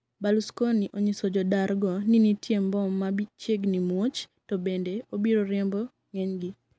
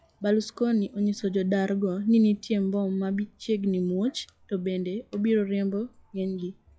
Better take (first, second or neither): first